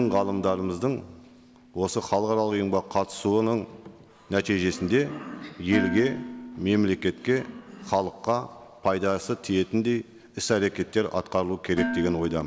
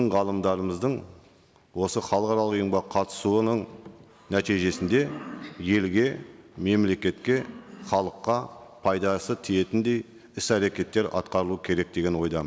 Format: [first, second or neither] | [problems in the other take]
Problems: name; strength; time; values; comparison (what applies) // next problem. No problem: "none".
second | background sound (Dishes, pots, and pans); 12 dB below the speech